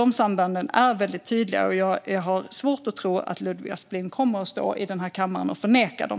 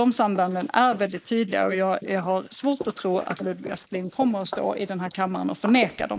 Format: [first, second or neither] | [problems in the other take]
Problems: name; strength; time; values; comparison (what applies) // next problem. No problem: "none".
first | noise reduction (neural mask model Resemble Enhance denoiser)